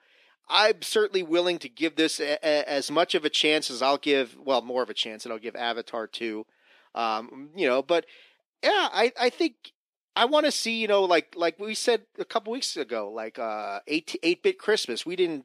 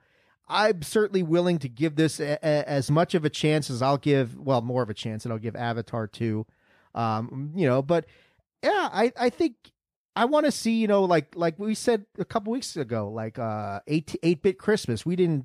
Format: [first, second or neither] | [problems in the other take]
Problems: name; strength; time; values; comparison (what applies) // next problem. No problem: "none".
second | thin; somewhat; fading below 300 Hz